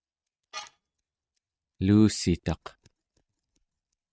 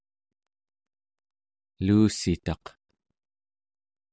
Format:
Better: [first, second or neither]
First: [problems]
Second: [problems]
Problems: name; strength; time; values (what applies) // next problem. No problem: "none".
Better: second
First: noise reduction (neural mask model RNNoise)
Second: none